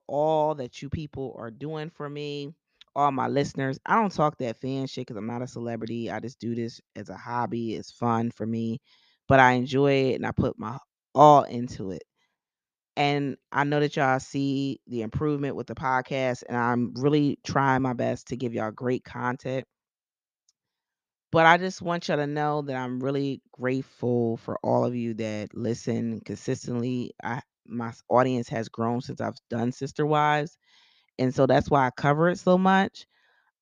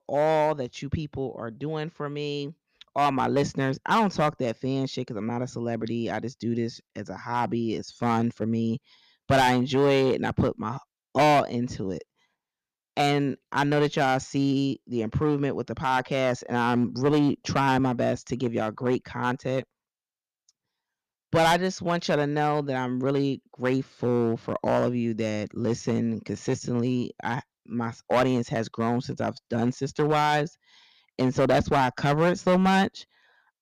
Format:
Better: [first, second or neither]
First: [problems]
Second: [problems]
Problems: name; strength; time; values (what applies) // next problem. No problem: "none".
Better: first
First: none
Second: distortion; heavy; 4% of the sound clipped